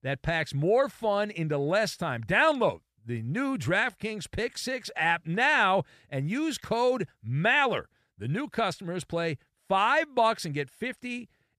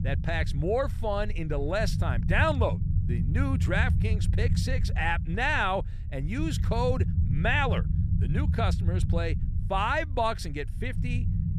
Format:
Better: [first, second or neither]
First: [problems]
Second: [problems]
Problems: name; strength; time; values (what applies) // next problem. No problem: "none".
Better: first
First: none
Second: low rumble; noticeable; throughout; 15 dB below the speech